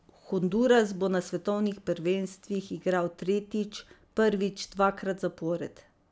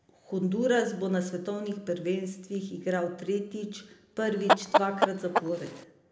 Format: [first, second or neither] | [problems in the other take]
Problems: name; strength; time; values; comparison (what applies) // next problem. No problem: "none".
first | background sound (Chicken, rooster); 3 dB above the speech // room echo; dies away in 0.7 s